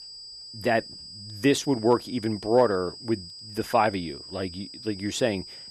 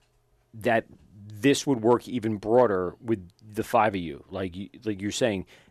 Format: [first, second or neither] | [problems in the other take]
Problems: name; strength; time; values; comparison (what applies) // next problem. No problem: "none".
second | high-pitched whine; noticeable; throughout; 5 kHz, 15 dB below the speech